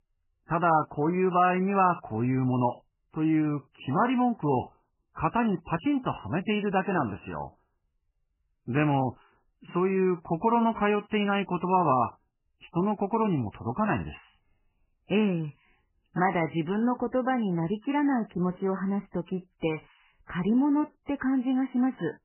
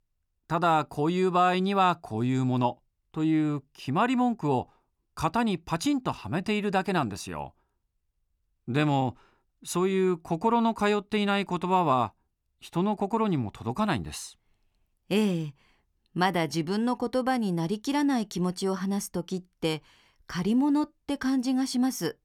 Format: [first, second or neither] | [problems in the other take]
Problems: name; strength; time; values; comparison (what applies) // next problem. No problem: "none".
second | garbled, watery; badly; nothing above 3 kHz